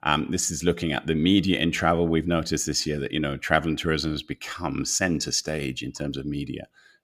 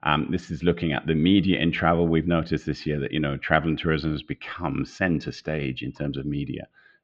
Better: first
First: none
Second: muffled; very; fading above 3.5 kHz

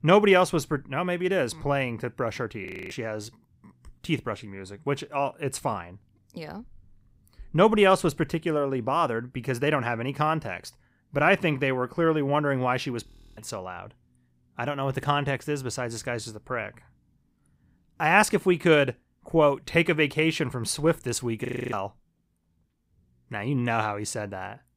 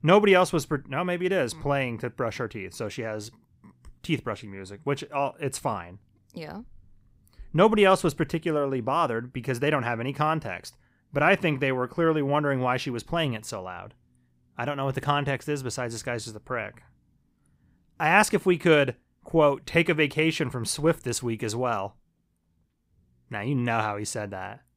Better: second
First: audio freezing; at 2.5 s, at 13 s and at 21 s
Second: none

